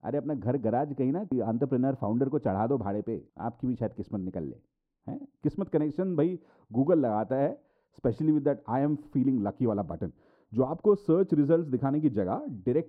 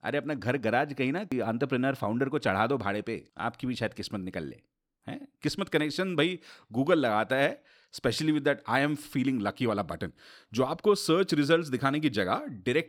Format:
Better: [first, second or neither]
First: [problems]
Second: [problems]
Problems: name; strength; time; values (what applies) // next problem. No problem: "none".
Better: second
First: muffled; very; fading above 1 kHz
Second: none